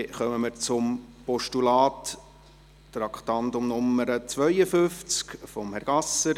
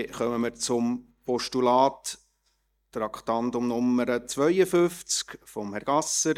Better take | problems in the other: first | noise reduction (neural mask model DeepFilterNet 3)

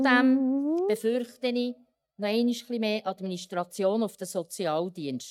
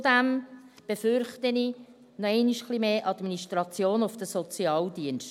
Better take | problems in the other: second | noise reduction (neural mask model DeepFilterNet 3)

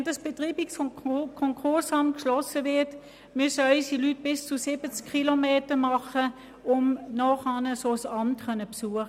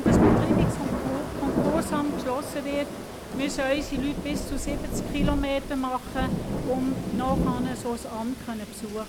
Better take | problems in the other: first | background sound (Thunder / Rain); 3 dB above the speech

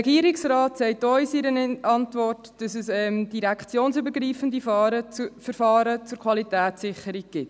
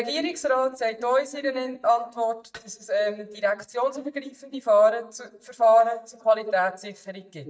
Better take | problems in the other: first | noise reduction (neural mask model DeepFilterNet 3)

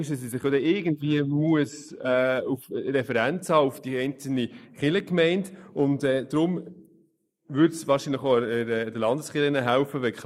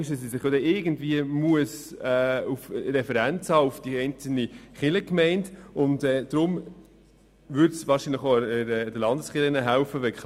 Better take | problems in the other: second | noise reduction (neural mask model Resemble Enhance denoiser)

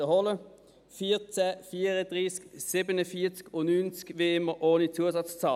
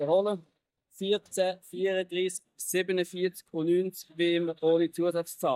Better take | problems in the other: first | noise reduction (neural mask model DeepFilterNet 3)

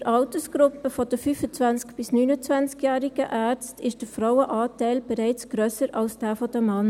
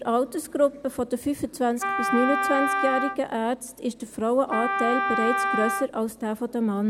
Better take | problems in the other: first | background sound (Wind instrument, woodwind instrument); 2 dB below the speech

